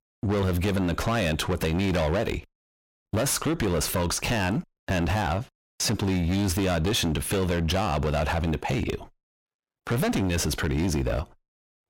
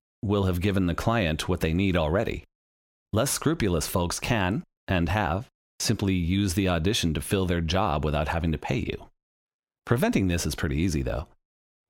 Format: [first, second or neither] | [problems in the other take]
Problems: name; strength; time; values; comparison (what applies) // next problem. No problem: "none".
second | distortion; heavy; 21% of the sound clipped